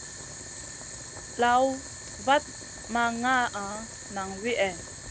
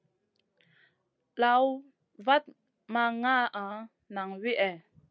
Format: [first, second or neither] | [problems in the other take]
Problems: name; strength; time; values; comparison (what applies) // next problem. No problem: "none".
second | background sound (Boiling); 10 dB below the speech